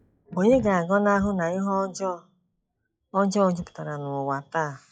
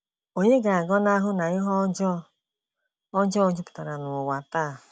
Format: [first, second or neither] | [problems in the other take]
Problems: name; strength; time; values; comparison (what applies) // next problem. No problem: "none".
second | noise reduction (classical method log-MMSE)